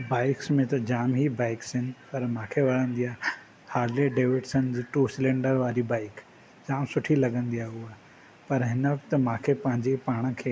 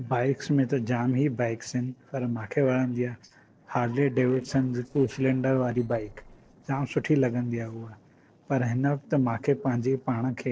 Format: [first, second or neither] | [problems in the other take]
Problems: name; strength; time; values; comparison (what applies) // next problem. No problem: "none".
first | noise reduction (neural separator model SepFormer DNS4)